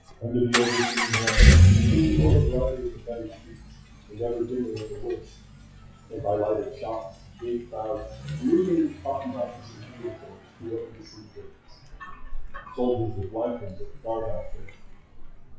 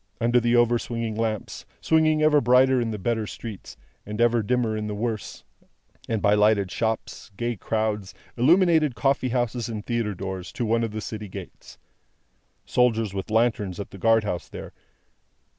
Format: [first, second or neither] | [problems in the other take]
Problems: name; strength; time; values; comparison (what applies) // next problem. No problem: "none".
second | noise reduction (classical method WPE with log-MMSE)